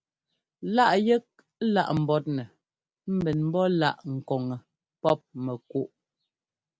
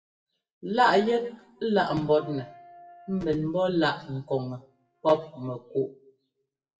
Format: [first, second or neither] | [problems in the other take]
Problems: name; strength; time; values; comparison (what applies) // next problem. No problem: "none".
first | noise reduction (classical method WPE with log-MMSE)